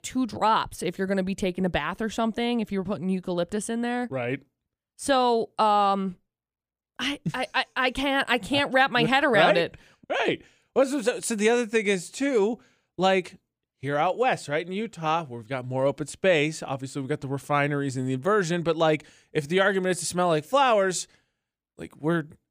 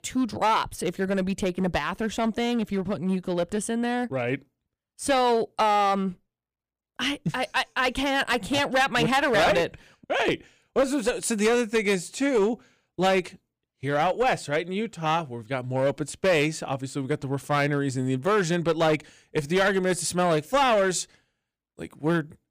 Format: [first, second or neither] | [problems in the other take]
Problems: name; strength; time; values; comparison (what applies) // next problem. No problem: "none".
first | distortion; slight; 6% of the sound clipped